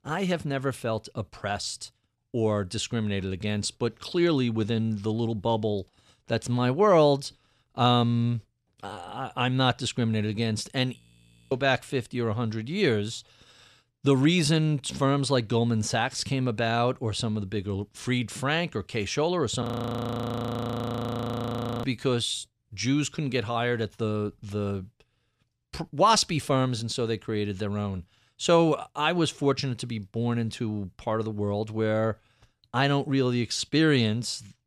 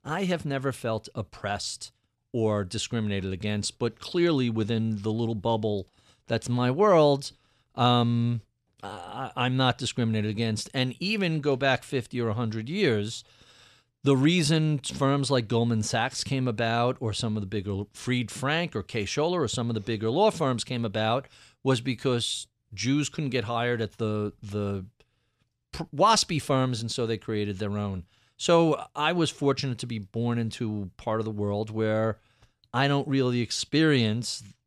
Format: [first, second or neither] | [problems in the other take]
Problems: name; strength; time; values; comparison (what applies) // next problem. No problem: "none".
second | audio freezing; at 11 s for 0.5 s and at 20 s for 2 s